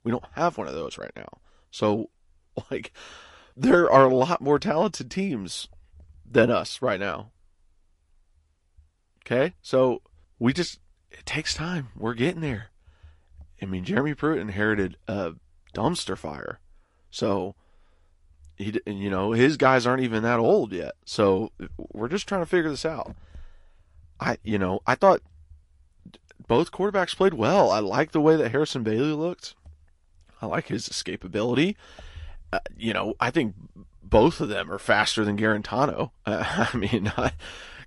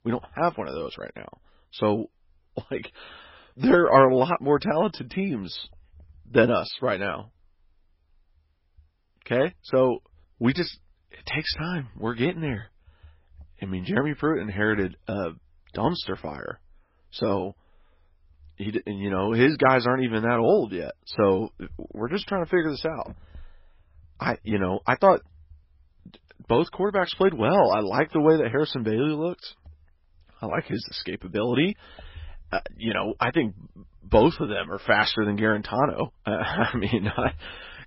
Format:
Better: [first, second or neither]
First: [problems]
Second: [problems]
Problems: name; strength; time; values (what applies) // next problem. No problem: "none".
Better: first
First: garbled, watery; slightly; nothing above 11 kHz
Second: garbled, watery; badly; nothing above 5.5 kHz